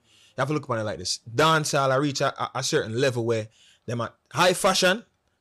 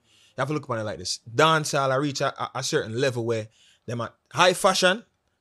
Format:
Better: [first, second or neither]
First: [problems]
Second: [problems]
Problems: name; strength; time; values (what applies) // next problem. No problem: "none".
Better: second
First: distortion; slight; 2% of the sound clipped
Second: none